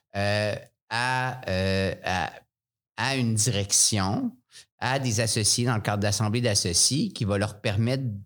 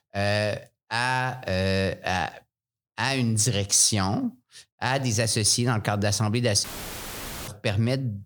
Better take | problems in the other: first | audio cutting out; filled with static; at 6.5 s for 1 s

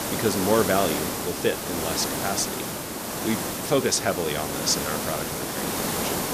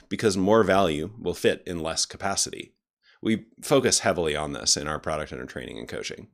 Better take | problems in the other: second | hiss; loud; throughout; 1 dB below the speech

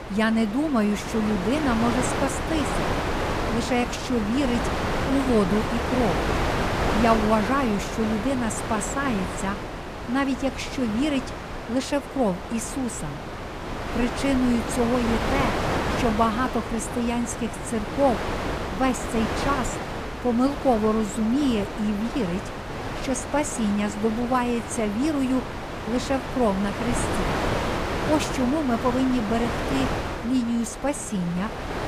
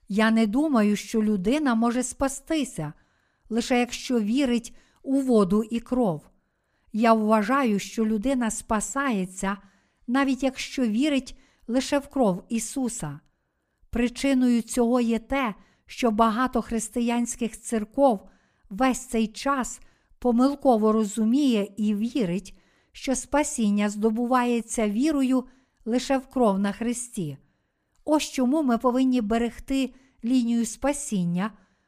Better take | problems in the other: second | wind noise on the microphone; heavy; 2 dB below the speech

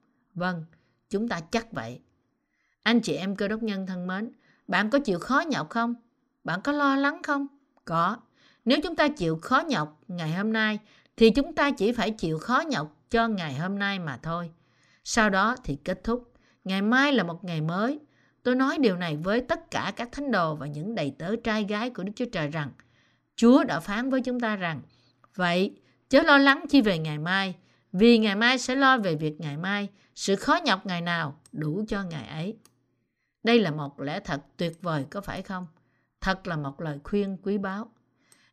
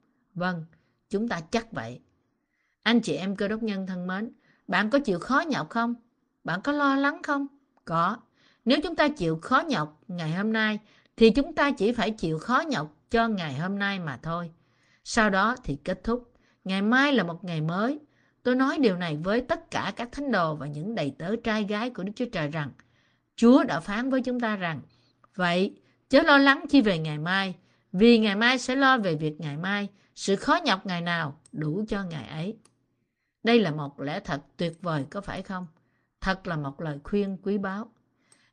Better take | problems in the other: first | garbled, watery; slightly; nothing above 9 kHz

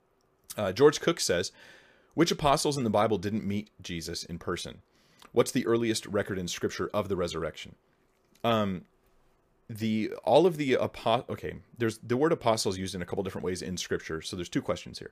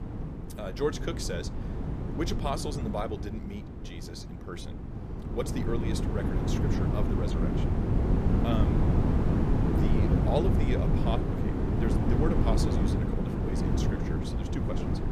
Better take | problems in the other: first | wind noise on the microphone; heavy; 1 dB above the speech

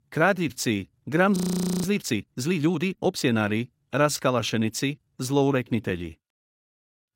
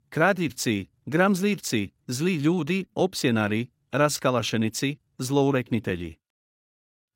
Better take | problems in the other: second | audio freezing; at 1.5 s

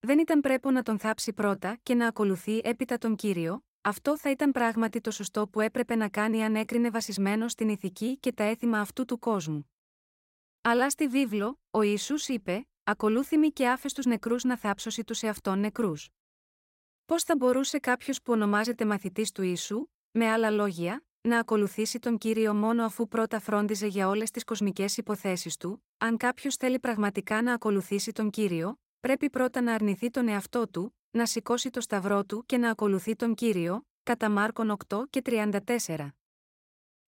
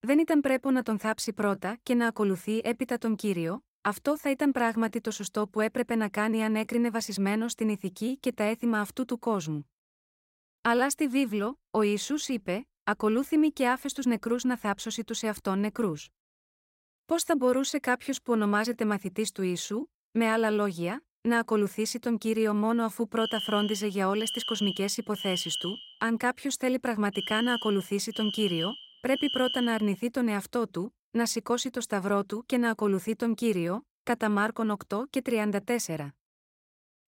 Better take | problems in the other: first | alarm; noticeable; from 23 to 30 s; peak 2 dB below the speech

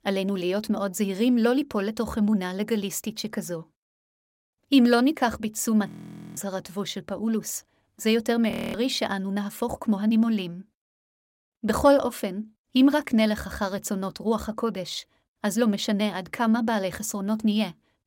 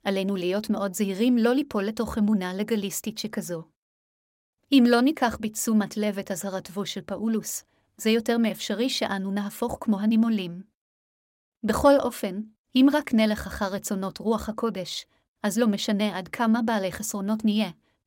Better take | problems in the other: second | audio freezing; at 6 s and at 8.5 s

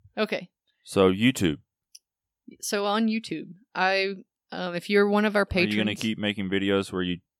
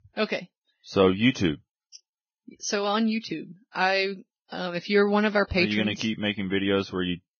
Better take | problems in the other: first | garbled, watery; badly; nothing above 6.5 kHz

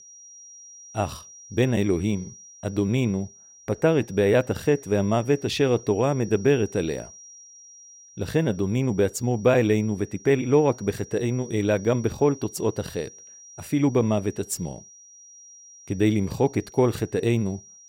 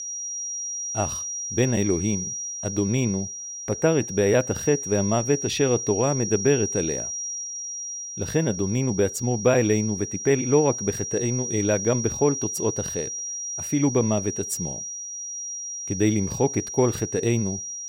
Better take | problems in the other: first | high-pitched whine; loud; throughout; 5.5 kHz, 5 dB below the speech; faint in the first

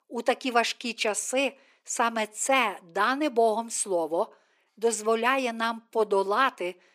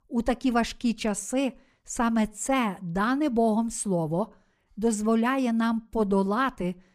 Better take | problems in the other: second | thin; somewhat; fading below 350 Hz

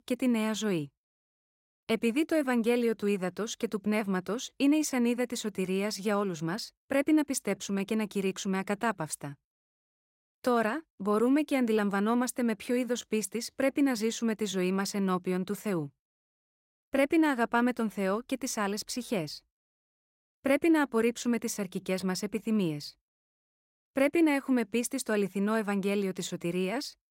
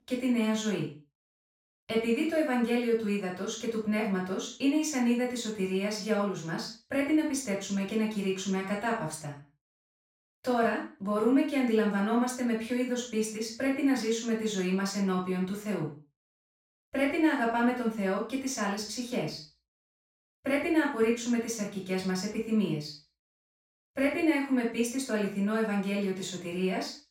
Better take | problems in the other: first | room echo; noticeable; dies away in 0.3 s // off-mic speech; far

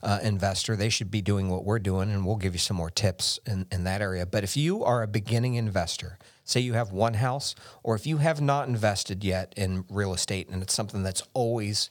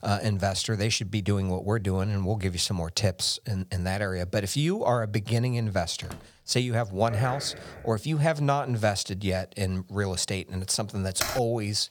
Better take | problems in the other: first | door banging; faint; at 6 s; peak 15 dB below the speech // dog barking; noticeable; at 7 s; peak 10 dB below the speech // keyboard typing; noticeable; at 11 s; peak 3 dB below the speech

